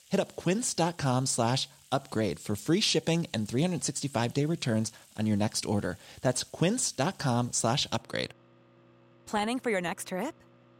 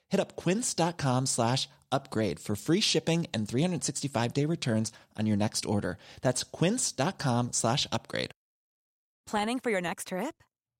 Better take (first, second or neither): second